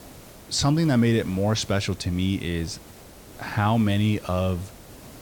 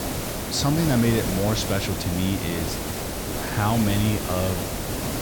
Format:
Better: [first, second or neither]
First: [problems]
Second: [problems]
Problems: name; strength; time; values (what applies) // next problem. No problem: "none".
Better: first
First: hiss; faint; throughout; 20 dB below the speech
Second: hiss; loud; throughout; 3 dB below the speech